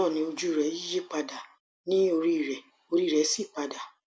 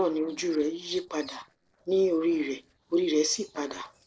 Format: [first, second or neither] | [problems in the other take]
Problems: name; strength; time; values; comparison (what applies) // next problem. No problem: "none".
first | noise reduction (neural separator model SepFormer DNS4)